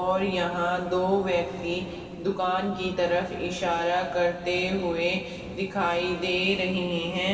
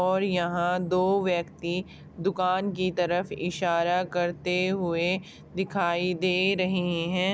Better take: second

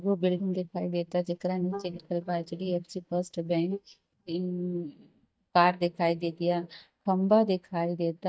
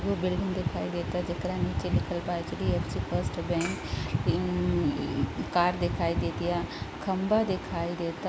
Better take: second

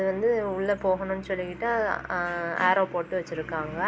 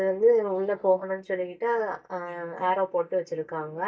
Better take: first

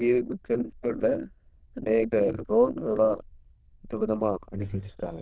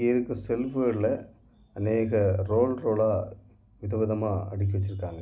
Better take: second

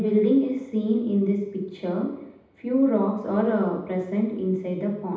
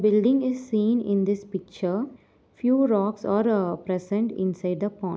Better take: second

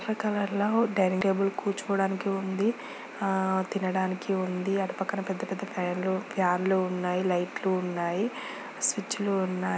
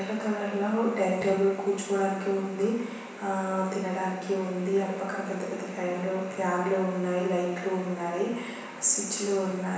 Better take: first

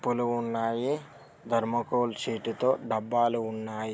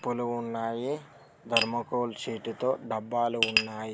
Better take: first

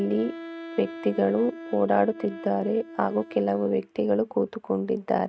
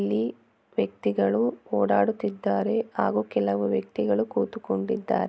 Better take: second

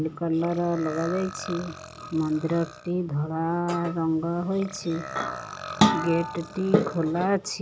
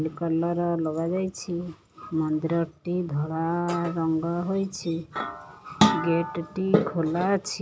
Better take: second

